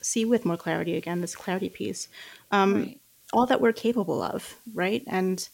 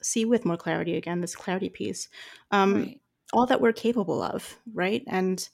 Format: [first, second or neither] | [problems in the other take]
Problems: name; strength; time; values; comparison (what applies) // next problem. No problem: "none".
second | hiss; faint; throughout; 25 dB below the speech